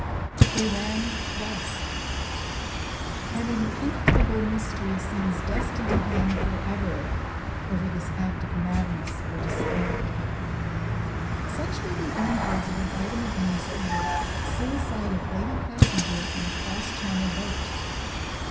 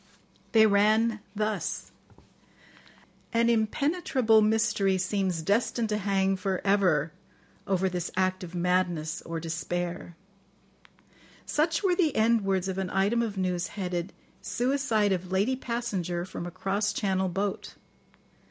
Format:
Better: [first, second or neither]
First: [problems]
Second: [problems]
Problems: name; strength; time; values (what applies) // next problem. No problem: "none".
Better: second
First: background sound (Bus); 4 dB above the speech // room echo; dies away in 0.9 s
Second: none